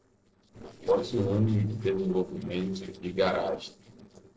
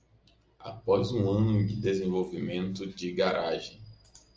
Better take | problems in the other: second | noise reduction (neural separator model SepFormer DNS4)

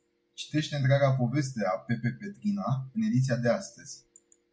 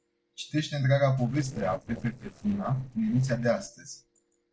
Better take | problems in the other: first | noise reduction (neural separator model SepFormer DNS4)

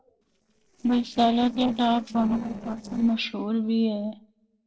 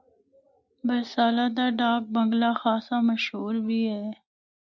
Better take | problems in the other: second | noise reduction (neural separator model SepFormer DNS4)

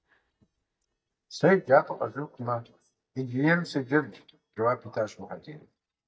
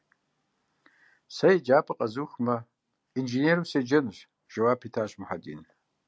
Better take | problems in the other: second | noise reduction (neural mask model DeepFilterNet 3)

